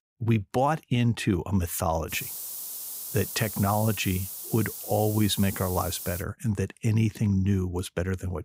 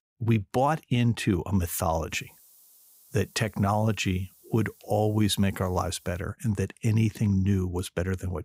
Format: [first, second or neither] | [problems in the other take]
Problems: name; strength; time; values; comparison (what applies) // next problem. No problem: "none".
second | hiss; loud; from 2 to 6 s; 7 dB below the speech; faint in the second